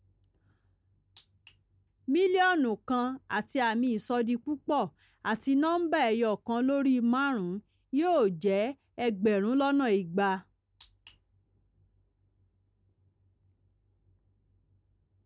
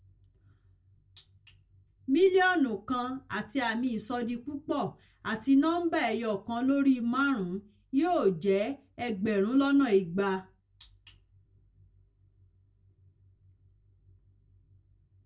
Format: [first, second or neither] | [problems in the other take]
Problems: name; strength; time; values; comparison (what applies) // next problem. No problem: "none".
first | room echo; dies away in 0.1 s